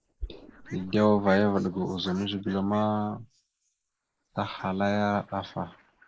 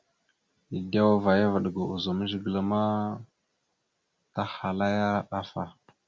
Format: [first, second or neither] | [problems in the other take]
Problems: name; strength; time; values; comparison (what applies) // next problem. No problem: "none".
second | noise reduction (neural mask model Resemble Enhance denoiser)